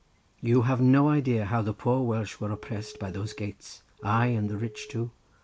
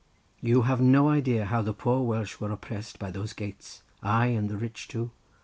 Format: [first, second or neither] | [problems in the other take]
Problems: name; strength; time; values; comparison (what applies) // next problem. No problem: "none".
second | background sound (Telephone); 19 dB below the speech